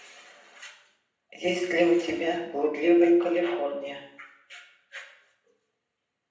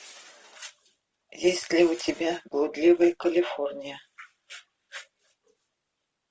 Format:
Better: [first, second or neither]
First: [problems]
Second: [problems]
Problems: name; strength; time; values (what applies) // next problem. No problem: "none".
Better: second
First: room echo; dies away in 0.7 s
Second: none